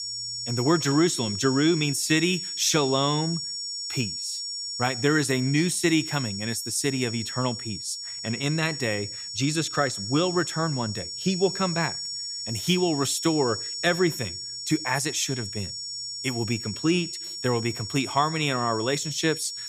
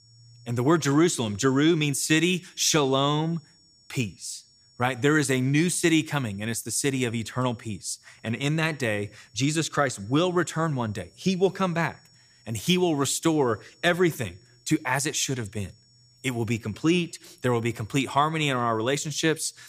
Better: second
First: high-pitched whine; loud; throughout; 5.5 kHz, 5 dB below the speech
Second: high-pitched whine; faint; throughout; 5.5 kHz, 30 dB below the speech

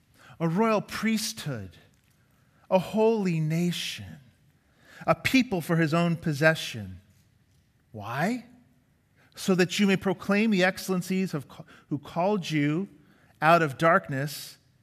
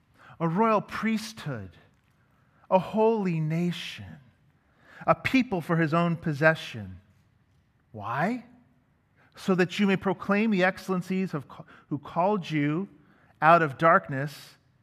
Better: first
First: none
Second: muffled; slightly; fading above 4 kHz

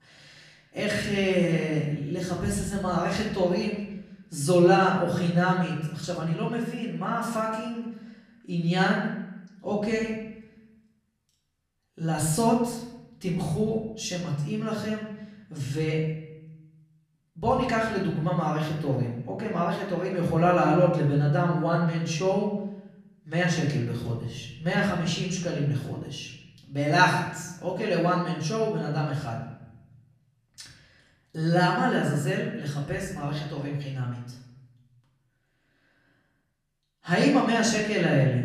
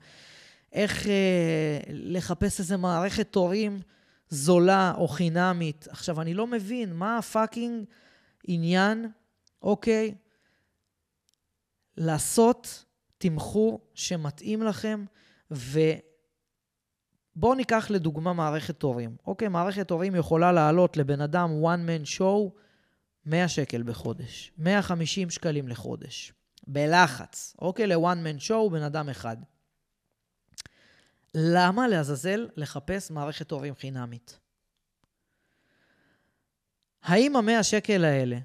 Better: second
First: room echo; noticeable; dies away in 0.9 s // off-mic speech; far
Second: none

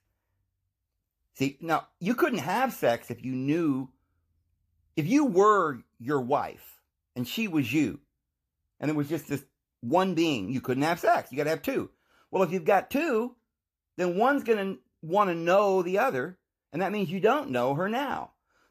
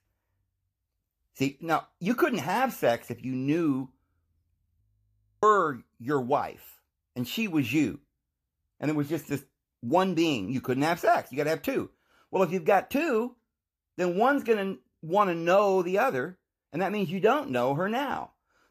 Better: first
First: none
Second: audio freezing; at 5 s for 0.5 s

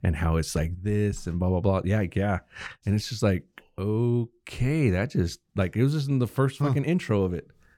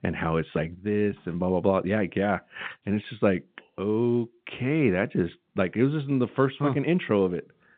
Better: first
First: none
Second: phone-call audio; nothing above 3.5 kHz

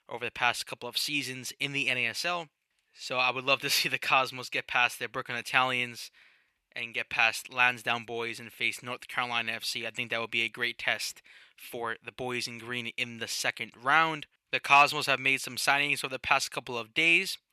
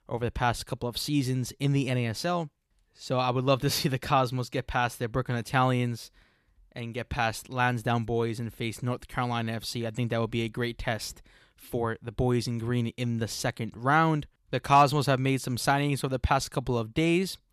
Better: second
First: thin; somewhat; fading below 1 kHz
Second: none

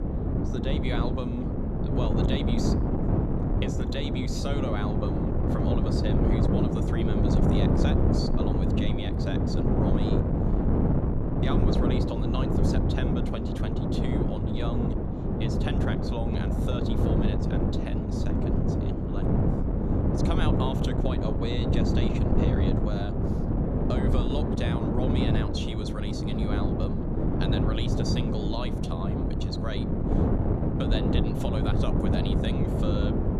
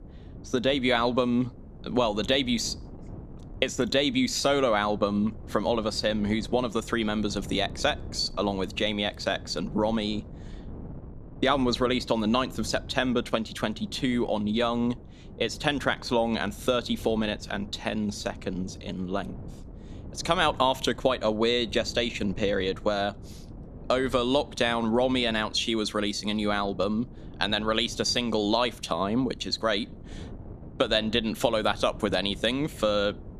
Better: second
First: wind noise on the microphone; heavy; 4 dB above the speech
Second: wind noise on the microphone; occasional gusts; 25 dB below the speech

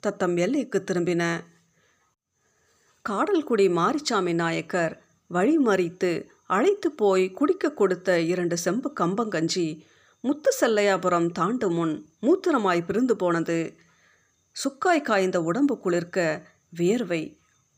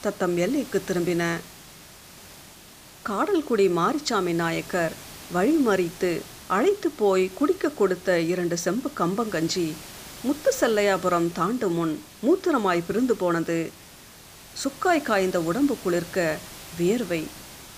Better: first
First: none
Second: hiss; noticeable; throughout; 15 dB below the speech

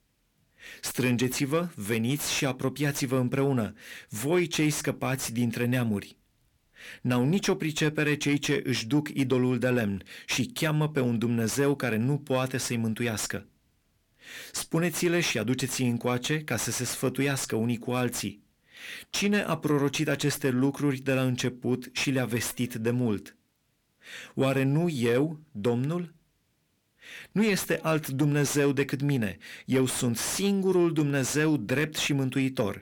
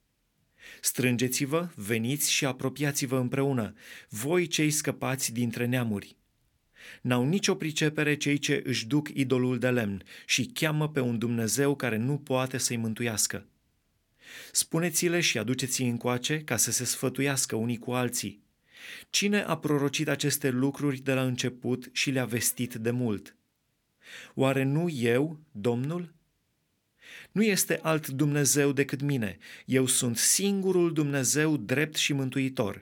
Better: second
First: distortion; slight; 10 dB below the speech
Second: none

